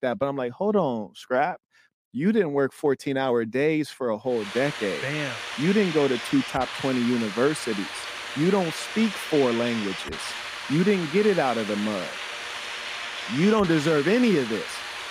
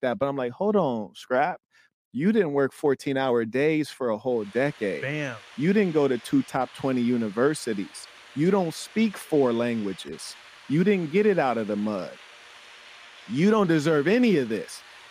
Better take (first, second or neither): second